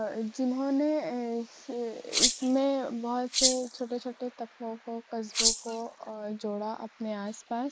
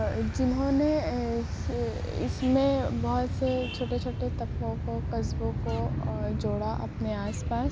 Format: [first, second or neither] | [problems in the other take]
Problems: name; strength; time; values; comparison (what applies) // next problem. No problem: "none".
second | noise reduction (neural mask model Resemble Enhance denoiser)